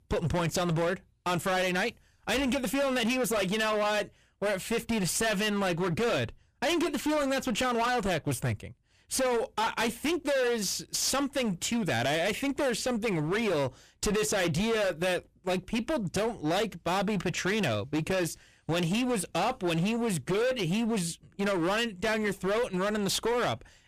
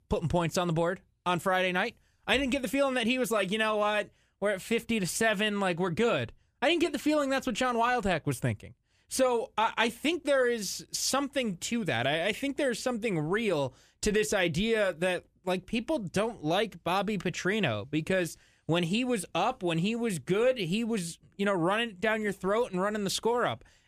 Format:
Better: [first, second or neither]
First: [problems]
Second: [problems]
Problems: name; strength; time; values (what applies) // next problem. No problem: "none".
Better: second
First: distortion; heavy; 24% of the sound clipped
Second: none